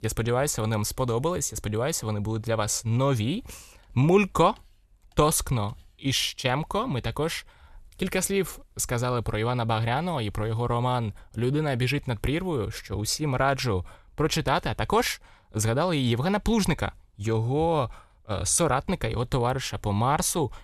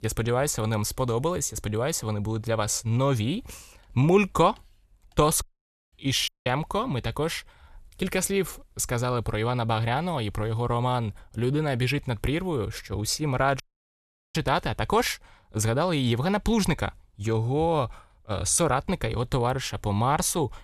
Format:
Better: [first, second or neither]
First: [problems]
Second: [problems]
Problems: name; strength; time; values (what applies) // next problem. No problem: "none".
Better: first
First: none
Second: audio cutting out; at 5.5 s for 0.5 s, at 6.5 s and at 14 s for 1 s